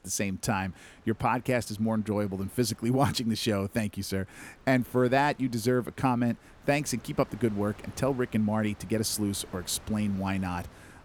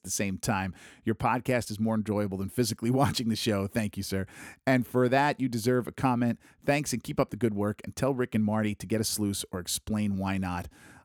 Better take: second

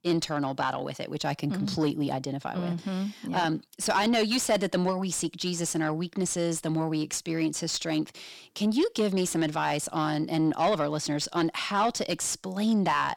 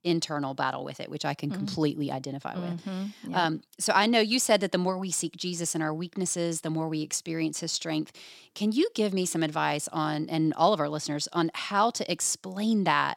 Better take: second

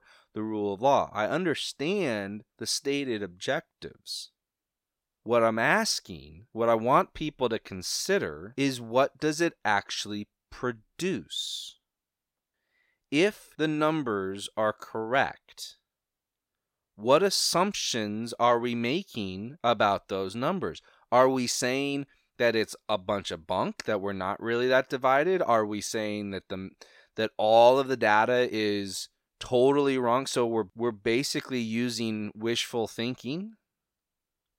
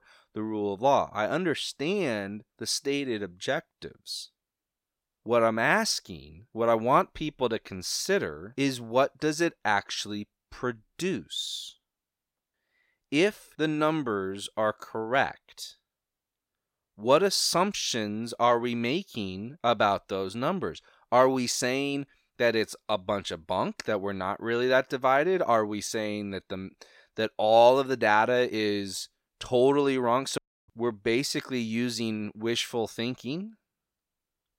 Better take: first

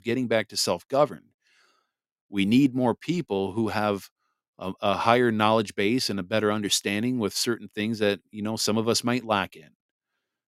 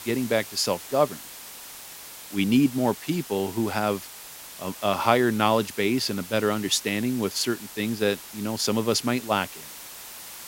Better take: first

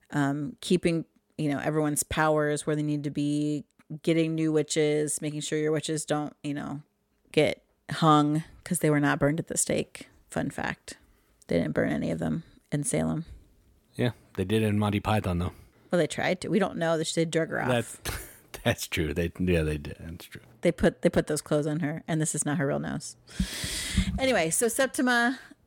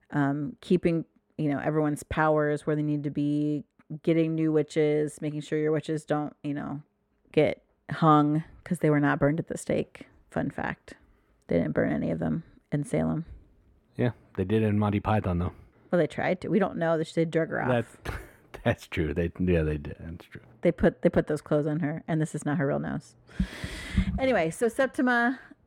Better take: first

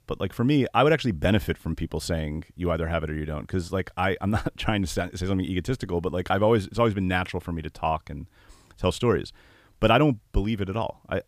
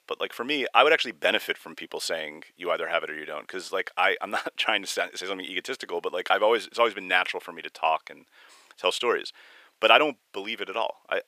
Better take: first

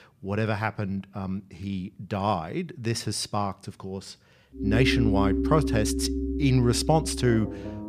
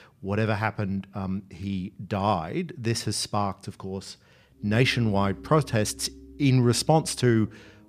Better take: second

